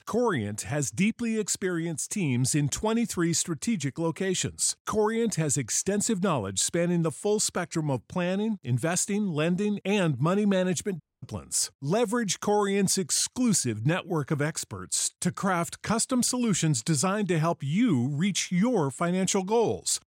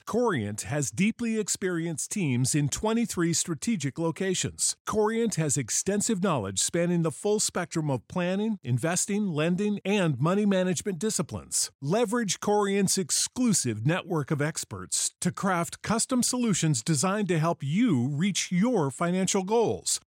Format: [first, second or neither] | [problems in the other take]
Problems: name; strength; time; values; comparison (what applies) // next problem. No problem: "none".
second | audio cutting out; at 11 s